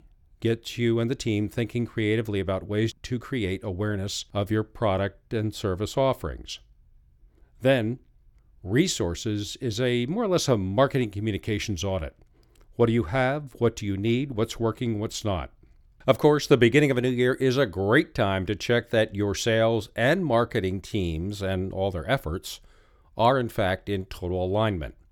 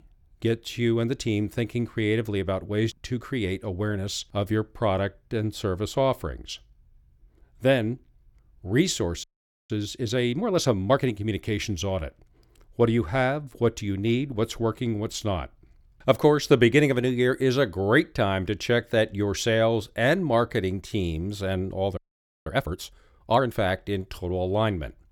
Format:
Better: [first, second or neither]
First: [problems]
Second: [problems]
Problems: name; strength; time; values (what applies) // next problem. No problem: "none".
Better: first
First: none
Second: audio freezing; at 9 s and at 22 s